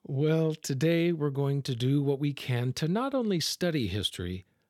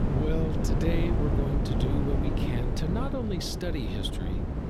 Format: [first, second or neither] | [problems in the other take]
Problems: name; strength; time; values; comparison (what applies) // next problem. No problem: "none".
first | wind noise on the microphone; heavy; as loud as the speech